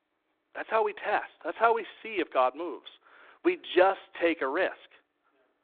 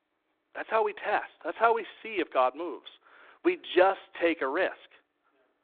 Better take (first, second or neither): neither